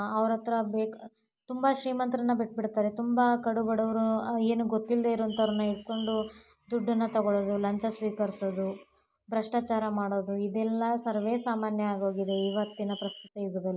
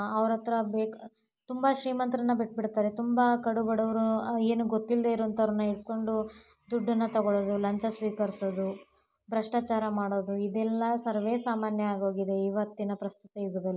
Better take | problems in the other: second | background sound (Bird); 18 dB below the speech

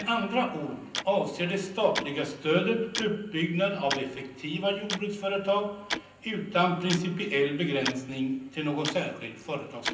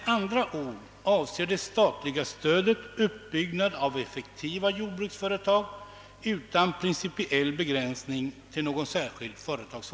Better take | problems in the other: second | background sound (Tick-tock); 11 dB below the speech // room echo; dies away in 0.6 s

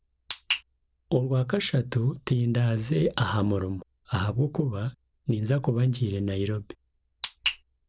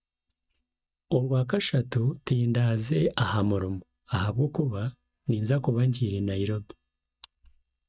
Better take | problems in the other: first | noise reduction (neural mask model DeepFilterNet 3)

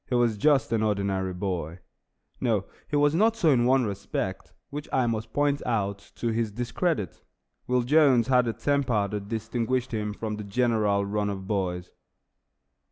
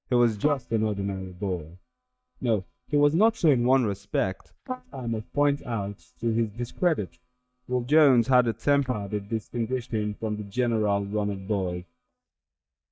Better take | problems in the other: first | noise reduction (neural mask model DeepFilterNet 3)

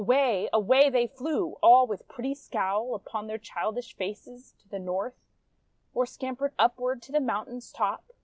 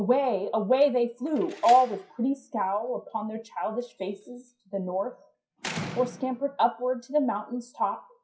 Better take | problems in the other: first | noise reduction (classical method WPE with log-MMSE)

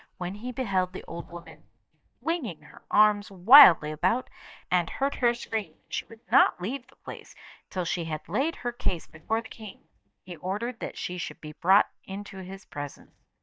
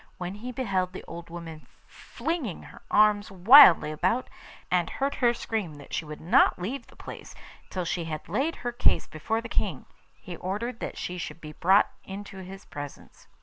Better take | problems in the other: second | noise reduction (neural mask model DeepFilterNet 3)

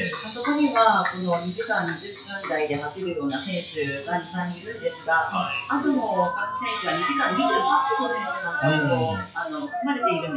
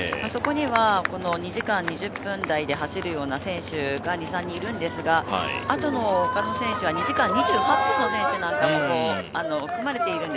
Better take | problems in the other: second | noise reduction (classical method WPE with log-MMSE)

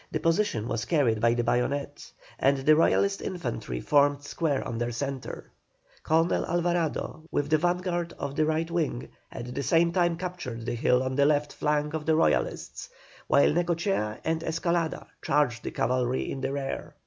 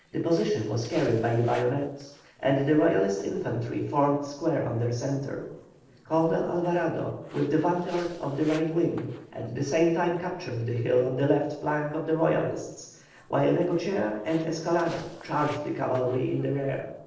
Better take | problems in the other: first | noise reduction (neural separator model SepFormer DNS4)

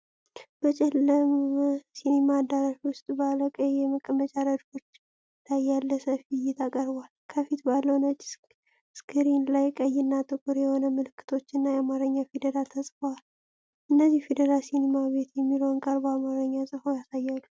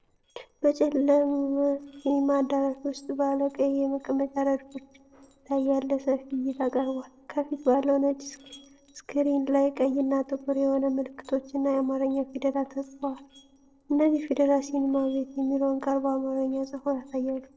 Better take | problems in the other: first | noise reduction (neural separator model SepFormer DNS4)

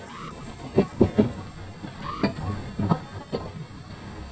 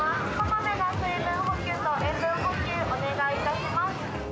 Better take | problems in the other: second | noise reduction (neural mask model DeepFilterNet 3)

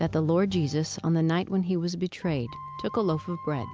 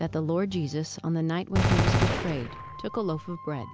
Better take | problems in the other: first | background sound (Gunshot, gunfire); 3 dB above the speech

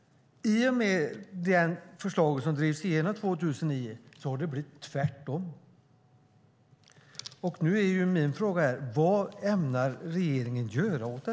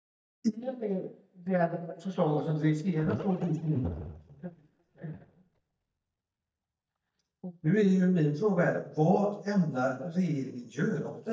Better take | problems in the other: first | noise reduction (neural mask model DeepFilterNet 3)

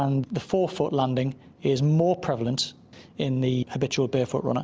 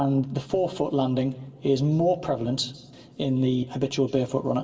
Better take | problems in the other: first | room echo; dies away in 2 s

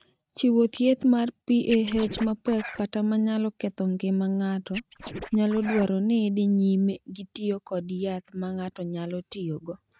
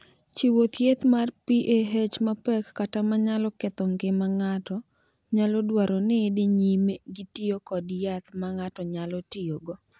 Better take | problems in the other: second | noise reduction (neural mask model RNNoise)

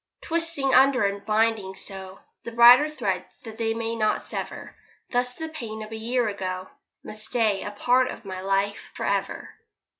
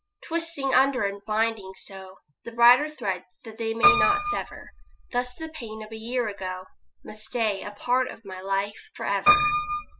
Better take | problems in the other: first | noise reduction (classical method spectral subtraction)

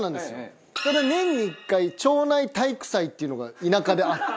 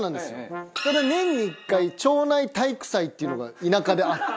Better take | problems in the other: first | background sound (Brass instrument); 17 dB below the speech

